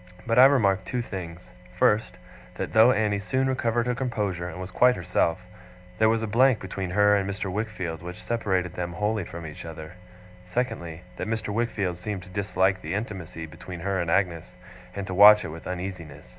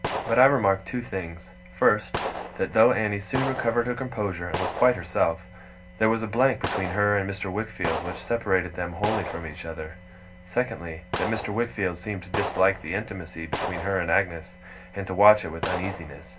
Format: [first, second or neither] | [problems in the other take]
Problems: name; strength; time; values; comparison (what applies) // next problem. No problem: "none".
first | background sound (Gunshot, gunfire); 10 dB below the speech // room echo; dies away in 0.2 s